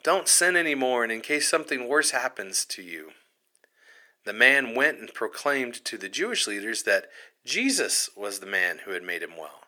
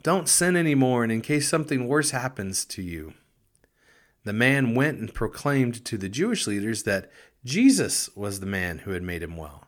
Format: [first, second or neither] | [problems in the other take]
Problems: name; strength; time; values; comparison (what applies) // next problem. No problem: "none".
second | thin; very; fading below 400 Hz